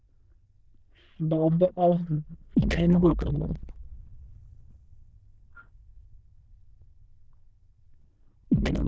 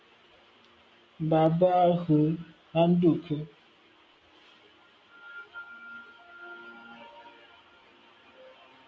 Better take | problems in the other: second | noise reduction (neural diffusion model UNIVERSE++)

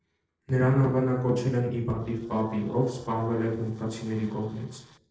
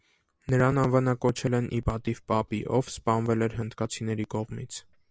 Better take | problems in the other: second | noise reduction (neural separator model SepFormer DNS4)

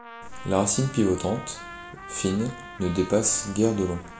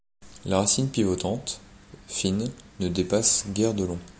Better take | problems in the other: second | background sound (Trumpet); 16 dB below the speech // room echo; dies away in 0.4 s

